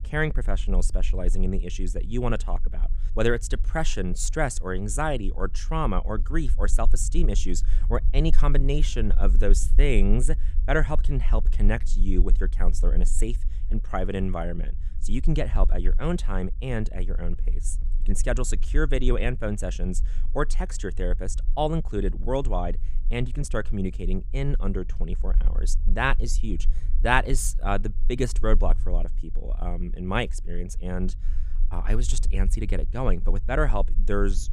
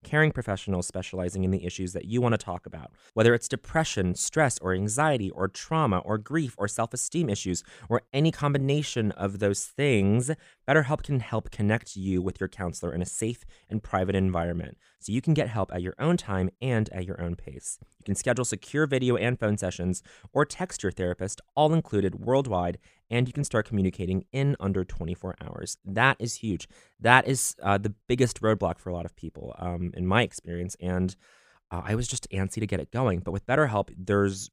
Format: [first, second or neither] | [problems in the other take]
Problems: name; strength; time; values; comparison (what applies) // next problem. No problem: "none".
second | low rumble; faint; throughout; 25 dB below the speech